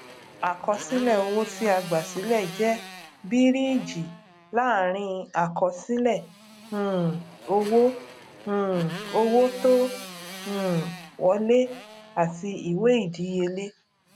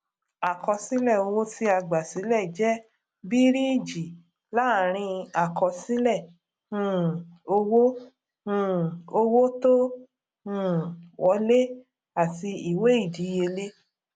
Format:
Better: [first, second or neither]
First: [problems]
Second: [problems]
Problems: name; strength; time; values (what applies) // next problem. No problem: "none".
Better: second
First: background sound (Motorcycle); 17 dB below the speech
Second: none